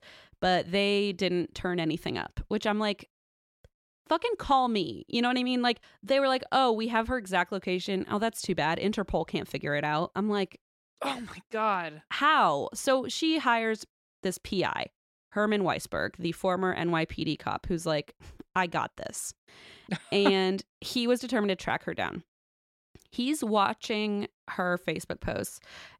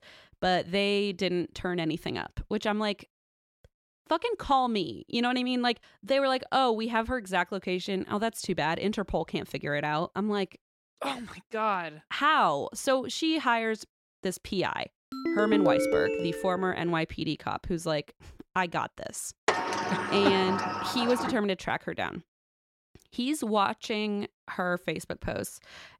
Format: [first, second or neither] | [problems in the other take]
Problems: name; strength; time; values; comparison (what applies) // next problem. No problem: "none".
first | phone ringing; loud; from 15 to 17 s; peak 5 dB above the speech // door banging; loud; from 19 to 21 s; peak 2 dB above the speech